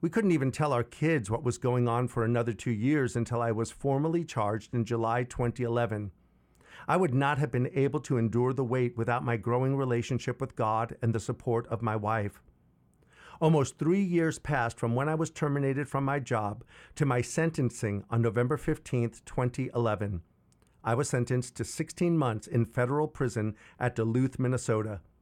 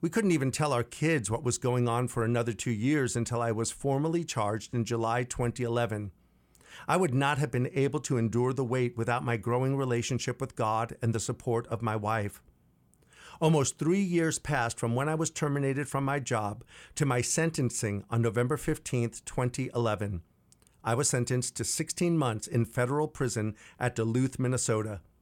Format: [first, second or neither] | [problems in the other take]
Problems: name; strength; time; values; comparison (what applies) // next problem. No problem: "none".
second | muffled; slightly; fading above 3 kHz